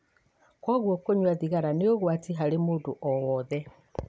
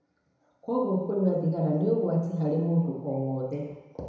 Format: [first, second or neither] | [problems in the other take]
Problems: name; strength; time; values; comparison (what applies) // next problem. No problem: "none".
first | room echo; dies away in 0.9 s